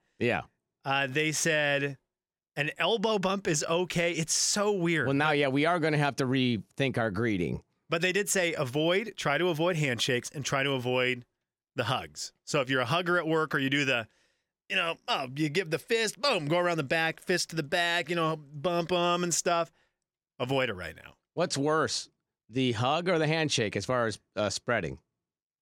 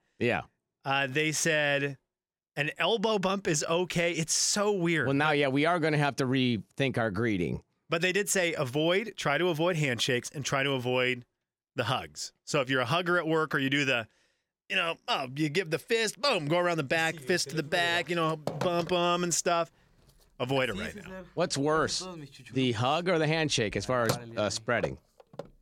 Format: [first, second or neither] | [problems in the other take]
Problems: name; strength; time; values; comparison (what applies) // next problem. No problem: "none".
first | phone ringing; noticeable; from 17 s on; peak 6 dB below the speech